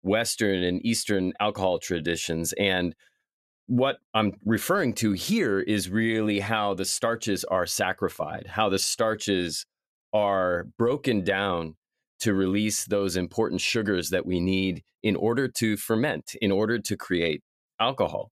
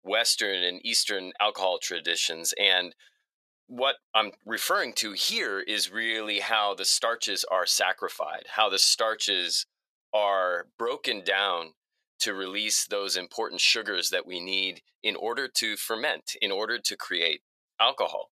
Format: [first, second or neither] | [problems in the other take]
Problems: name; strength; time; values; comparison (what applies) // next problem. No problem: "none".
first | thin; very; fading below 700 Hz